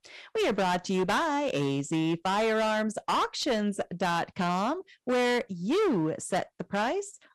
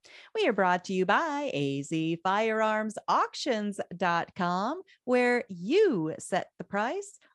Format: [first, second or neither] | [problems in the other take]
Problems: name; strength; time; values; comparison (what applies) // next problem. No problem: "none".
second | distortion; heavy; 18% of the sound clipped